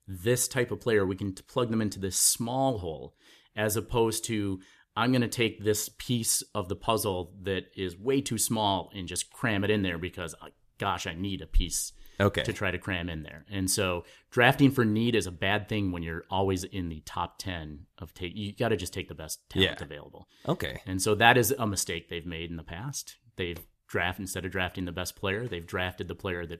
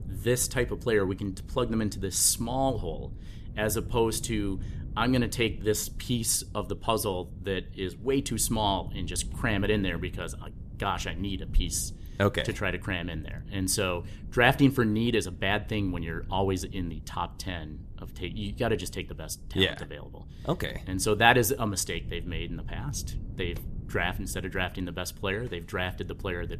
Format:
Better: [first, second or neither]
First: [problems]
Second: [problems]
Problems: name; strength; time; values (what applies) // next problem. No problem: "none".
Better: first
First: none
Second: wind noise on the microphone; occasional gusts; 25 dB below the speech